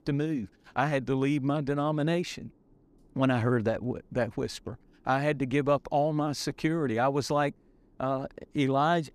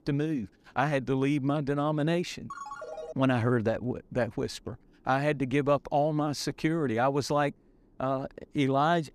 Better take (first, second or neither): first